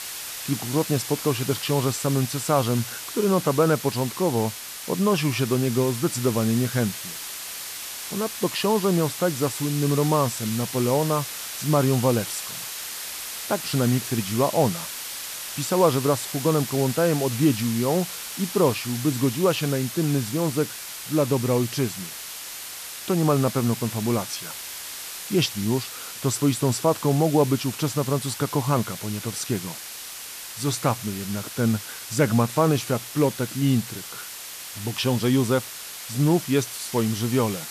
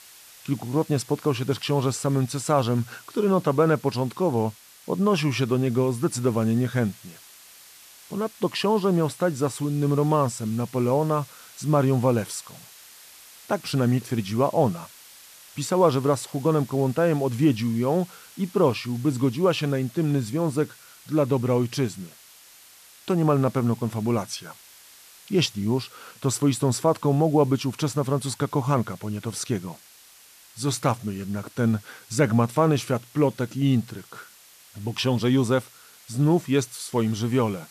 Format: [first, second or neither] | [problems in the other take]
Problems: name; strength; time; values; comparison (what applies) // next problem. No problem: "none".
second | hiss; loud; throughout; 8 dB below the speech; faint in the second